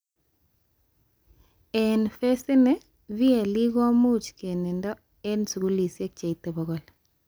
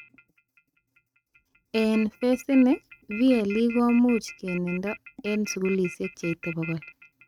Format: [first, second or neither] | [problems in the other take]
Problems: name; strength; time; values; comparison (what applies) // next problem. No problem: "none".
first | noise reduction (neural mask model RNNoise)